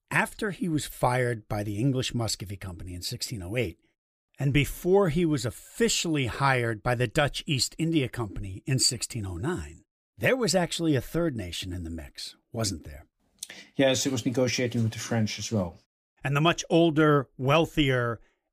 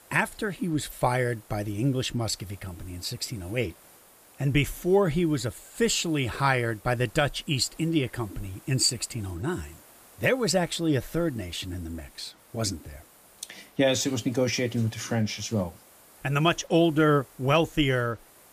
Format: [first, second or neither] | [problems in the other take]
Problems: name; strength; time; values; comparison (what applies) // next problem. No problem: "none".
first | hiss; faint; throughout; 25 dB below the speech